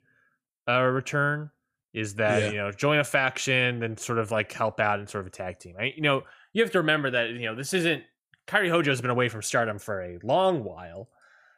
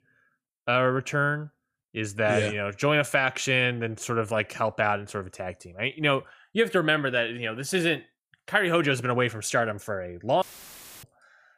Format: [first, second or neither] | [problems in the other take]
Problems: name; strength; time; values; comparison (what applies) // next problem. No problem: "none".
first | audio cutting out; filled with static; at 10 s for 0.5 s